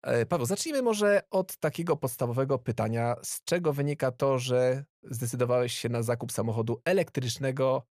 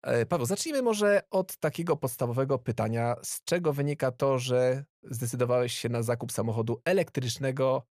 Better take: neither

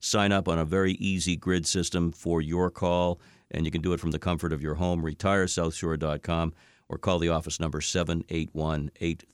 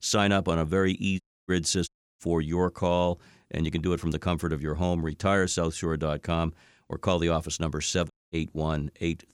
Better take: first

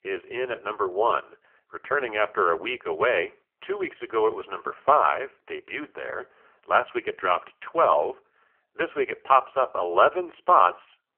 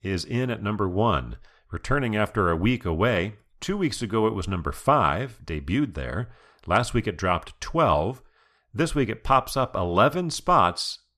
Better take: second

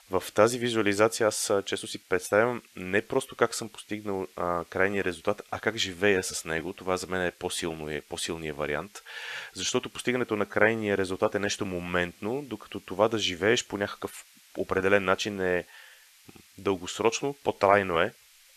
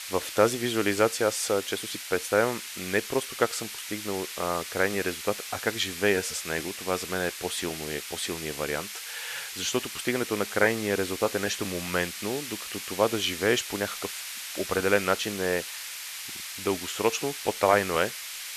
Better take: first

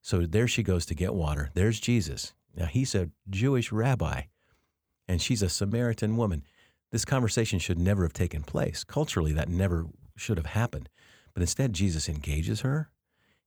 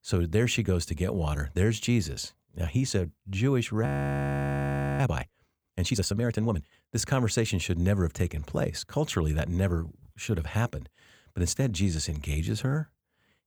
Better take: first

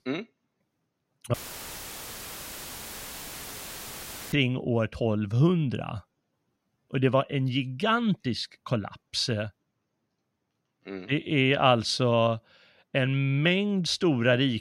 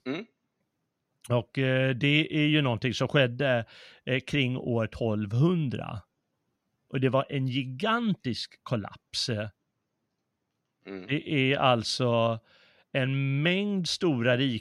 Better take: second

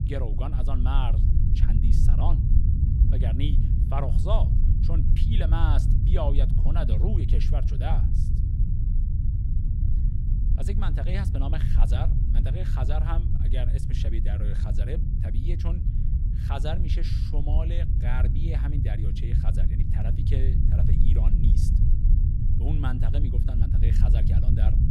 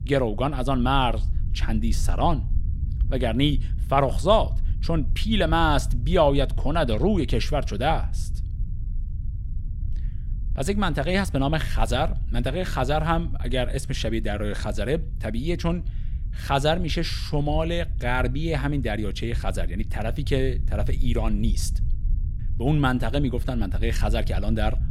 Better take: second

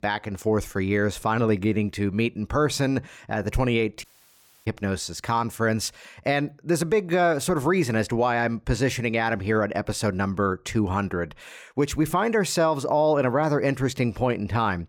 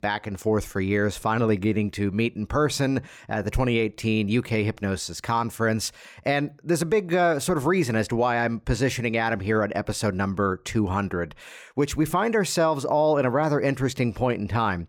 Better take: second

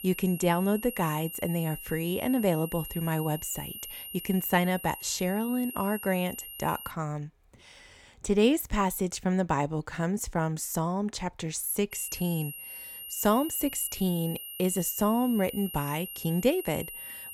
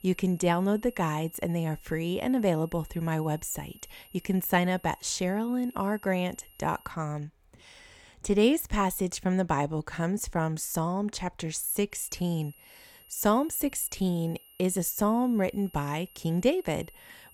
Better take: second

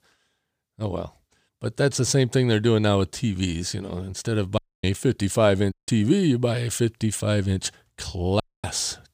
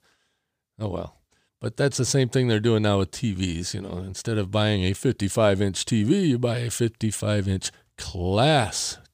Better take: second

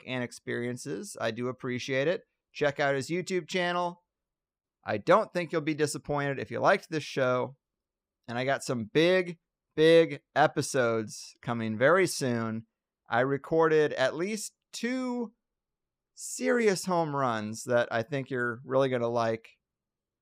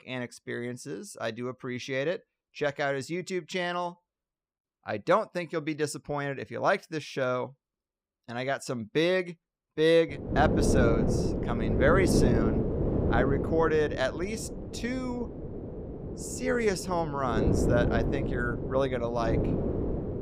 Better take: first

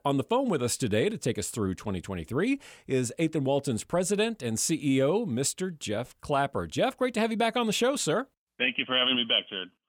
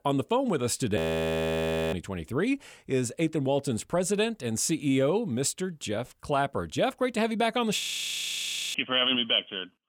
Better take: first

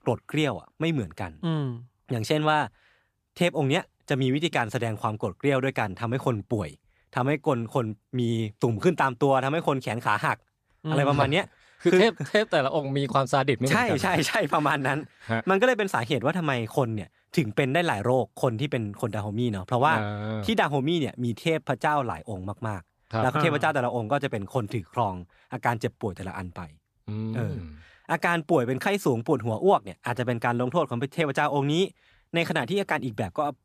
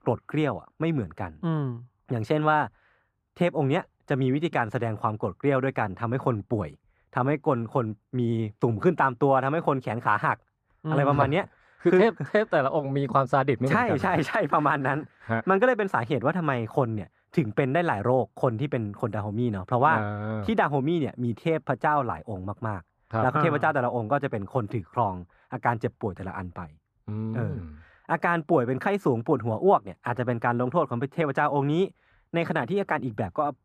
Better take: first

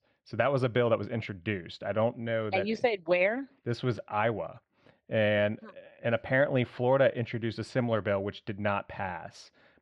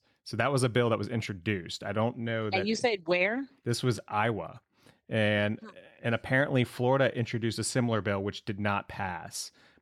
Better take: second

